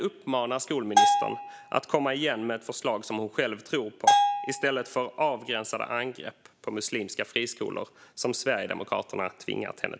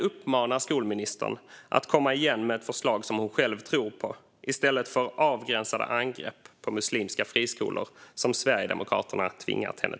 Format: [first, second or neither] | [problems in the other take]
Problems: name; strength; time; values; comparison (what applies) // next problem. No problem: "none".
second | background sound (Bell); 4 dB above the speech